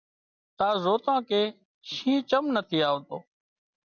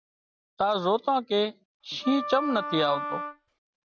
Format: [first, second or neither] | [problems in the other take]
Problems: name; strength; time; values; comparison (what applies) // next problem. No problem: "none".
first | background sound (Wind instrument, woodwind instrument); 6 dB below the speech